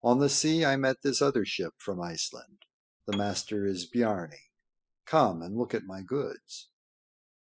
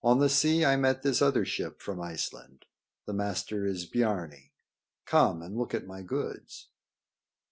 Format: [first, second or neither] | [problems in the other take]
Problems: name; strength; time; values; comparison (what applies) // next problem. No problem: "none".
second | noise reduction (classical method spectral subtraction)